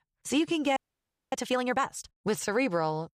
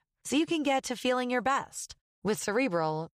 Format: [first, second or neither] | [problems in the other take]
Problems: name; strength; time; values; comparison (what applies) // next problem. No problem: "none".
second | audio freezing; at 1 s for 0.5 s